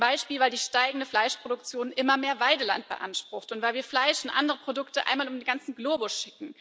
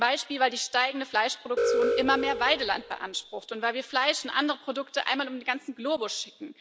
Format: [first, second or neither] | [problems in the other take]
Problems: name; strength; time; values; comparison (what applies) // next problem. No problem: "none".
first | background sound (Alarm); 2 dB below the speech